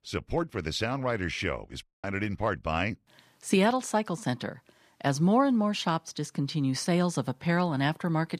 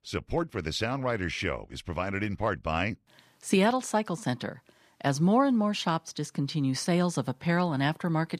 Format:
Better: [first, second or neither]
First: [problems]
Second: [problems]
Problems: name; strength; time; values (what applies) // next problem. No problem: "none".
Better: second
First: audio cutting out; at 2 s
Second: none